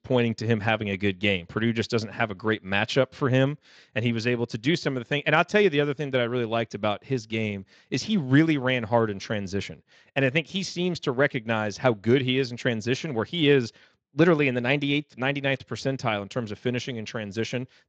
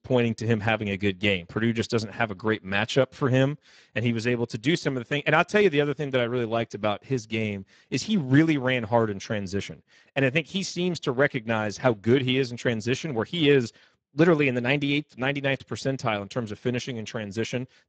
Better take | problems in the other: first | garbled, watery; badly; nothing above 7.5 kHz; slightly in the first

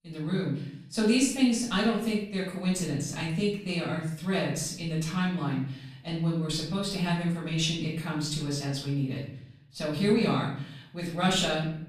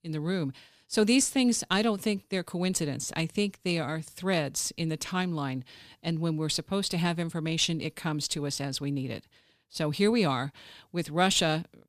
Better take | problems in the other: second | off-mic speech; far // room echo; noticeable; dies away in 0.7 s

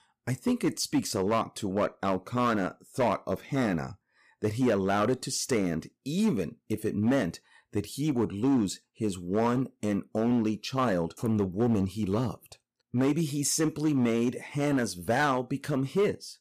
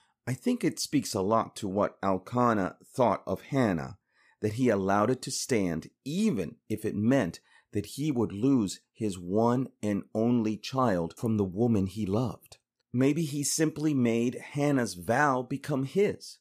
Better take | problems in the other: second | distortion; slight; 5% of the sound clipped

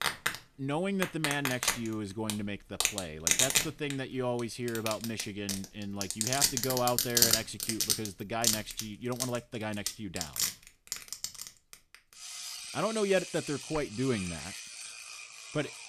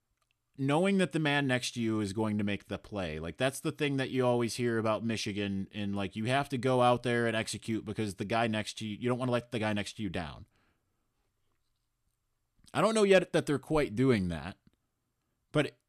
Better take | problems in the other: second | household noises; very loud; throughout; 3 dB above the speech

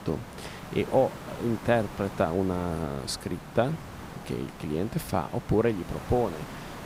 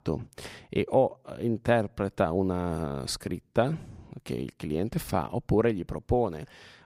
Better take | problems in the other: second | hiss; noticeable; throughout; 15 dB below the speech

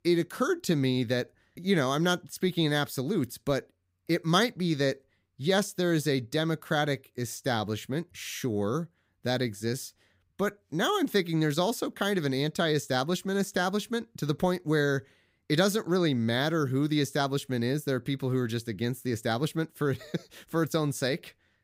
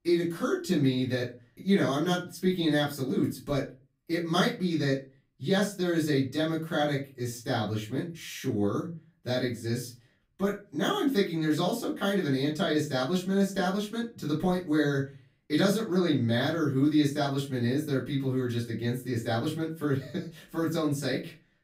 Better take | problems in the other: first | room echo; slight; dies away in 0.3 s // off-mic speech; far

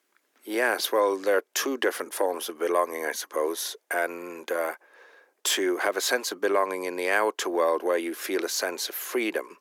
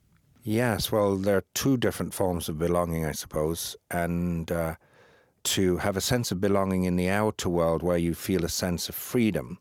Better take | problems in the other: second | thin; very; fading below 300 Hz

